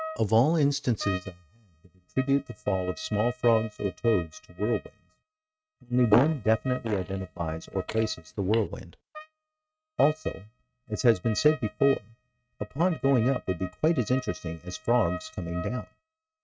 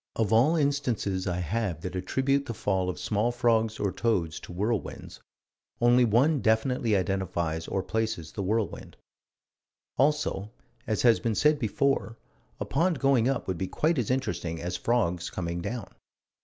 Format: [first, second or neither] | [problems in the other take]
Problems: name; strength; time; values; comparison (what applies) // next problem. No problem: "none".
second | noise reduction (neural mask model RNNoise)